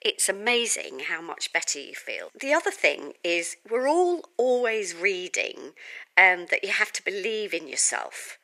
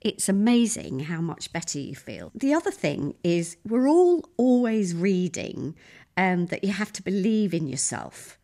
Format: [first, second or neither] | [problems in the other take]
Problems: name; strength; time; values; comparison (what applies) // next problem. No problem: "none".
second | thin; very; fading below 450 Hz